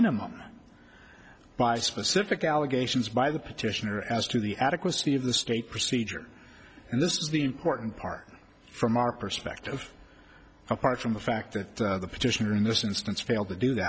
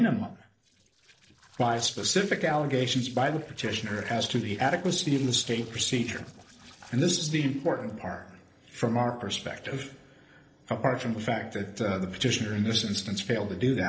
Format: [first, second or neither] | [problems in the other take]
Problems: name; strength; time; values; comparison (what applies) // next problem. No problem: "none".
first | noise reduction (neural separator model SepFormer DNS4)